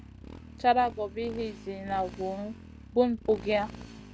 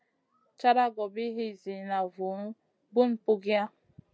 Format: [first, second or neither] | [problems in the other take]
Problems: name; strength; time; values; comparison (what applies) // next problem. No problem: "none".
second | background sound (Motorcycle); 15 dB below the speech